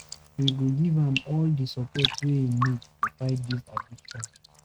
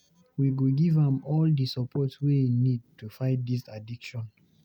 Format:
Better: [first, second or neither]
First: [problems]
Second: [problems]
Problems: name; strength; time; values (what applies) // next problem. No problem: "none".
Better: second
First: noise reduction (neural mask model RNNoise)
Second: none